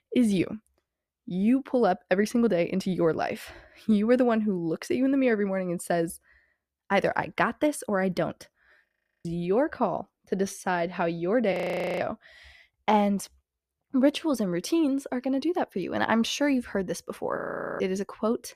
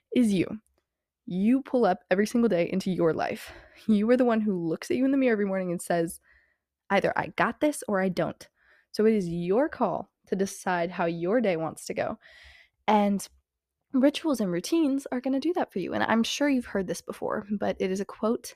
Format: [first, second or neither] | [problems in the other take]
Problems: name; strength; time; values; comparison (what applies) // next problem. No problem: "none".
second | audio freezing; at 9 s, at 12 s and at 17 s